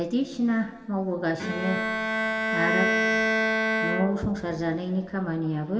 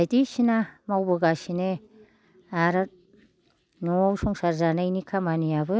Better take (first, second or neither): second